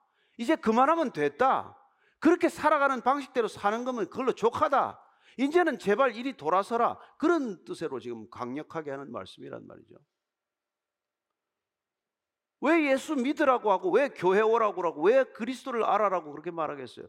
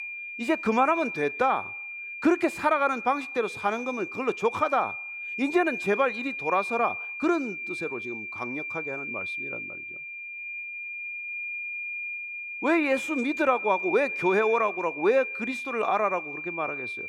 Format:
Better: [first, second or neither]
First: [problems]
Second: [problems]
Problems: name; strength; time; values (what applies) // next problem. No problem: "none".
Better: first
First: none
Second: high-pitched whine; loud; throughout; 2.5 kHz, 6 dB below the speech